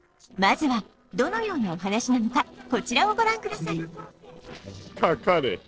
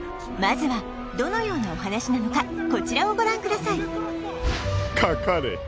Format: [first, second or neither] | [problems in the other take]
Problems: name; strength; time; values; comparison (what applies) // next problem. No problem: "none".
second | noise reduction (neural separator model SepFormer DNS4)